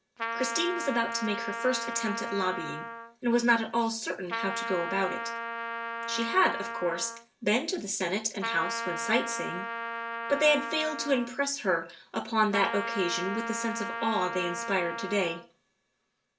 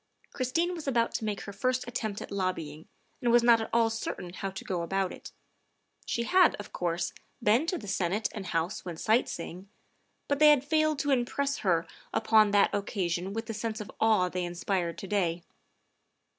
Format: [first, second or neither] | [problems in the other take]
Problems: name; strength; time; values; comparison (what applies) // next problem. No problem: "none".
second | background sound (Trumpet); 6 dB below the speech // room echo; dies away in 0.3 s